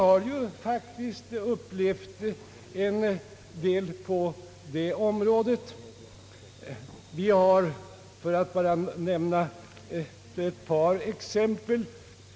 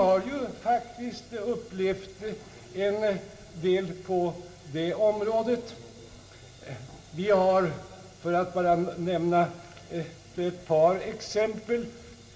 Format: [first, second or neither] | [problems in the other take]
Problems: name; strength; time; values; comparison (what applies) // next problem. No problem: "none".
first | room echo; dies away in 0.7 s